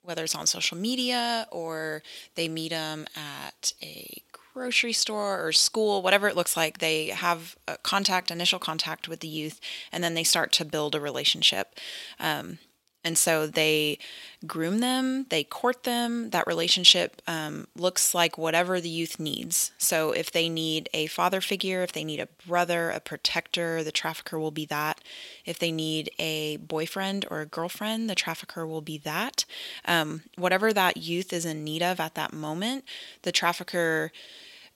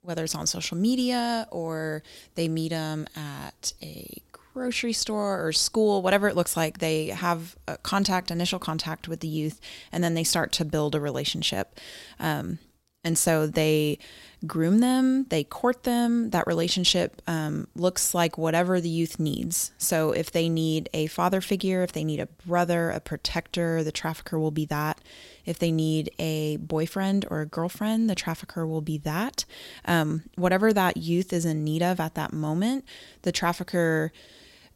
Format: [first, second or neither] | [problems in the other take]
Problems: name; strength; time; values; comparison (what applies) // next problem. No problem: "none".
second | thin; very slightly; fading below 500 Hz